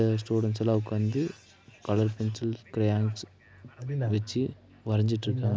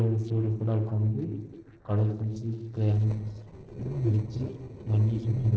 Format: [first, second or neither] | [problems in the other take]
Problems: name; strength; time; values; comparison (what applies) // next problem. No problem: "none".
first | noise reduction (neural separator model SepFormer DNS4)